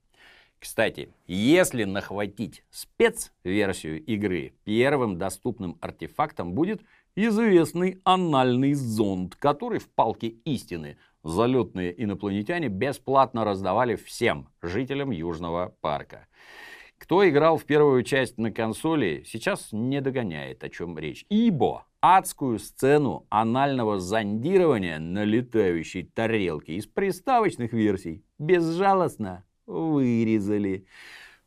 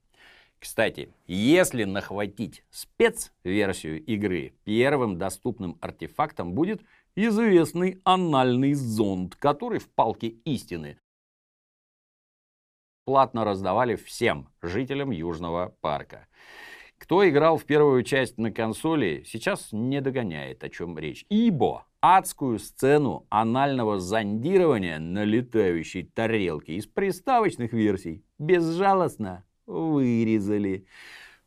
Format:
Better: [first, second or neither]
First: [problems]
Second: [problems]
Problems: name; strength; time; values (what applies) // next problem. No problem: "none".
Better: first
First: none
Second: audio cutting out; at 11 s for 2 s